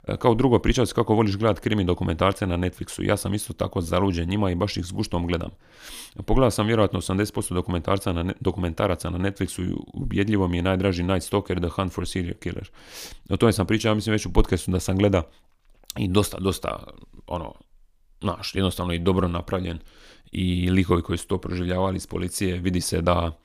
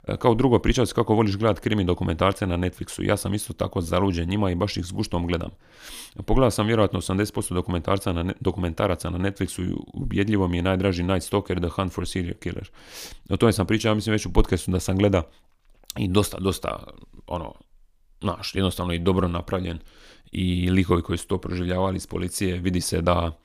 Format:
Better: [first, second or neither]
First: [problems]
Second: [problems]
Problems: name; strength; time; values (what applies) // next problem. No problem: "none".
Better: neither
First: none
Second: none